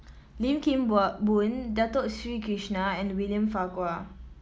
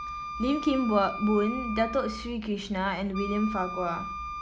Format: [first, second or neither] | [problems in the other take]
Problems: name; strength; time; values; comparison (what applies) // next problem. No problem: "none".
first | background sound (Wind instrument, woodwind instrument); 9 dB below the speech